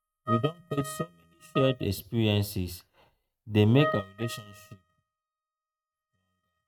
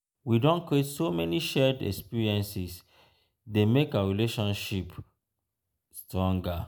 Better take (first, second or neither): second